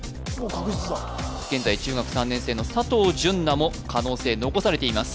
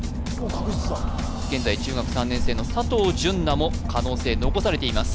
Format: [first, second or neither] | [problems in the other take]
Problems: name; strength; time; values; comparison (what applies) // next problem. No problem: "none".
first | background sound (Engine / Boat, Water vehicle); as loud as the speech